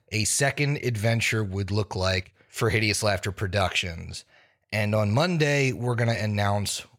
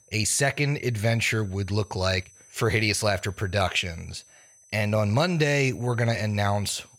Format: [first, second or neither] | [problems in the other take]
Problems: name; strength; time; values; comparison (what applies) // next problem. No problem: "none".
first | high-pitched whine; faint; throughout; 6 kHz, 30 dB below the speech